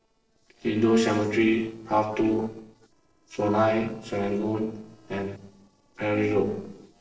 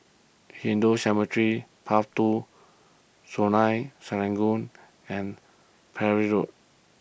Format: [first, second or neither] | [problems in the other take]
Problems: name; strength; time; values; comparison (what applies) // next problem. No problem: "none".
second | noise reduction (neural separator model SepFormer DNS4)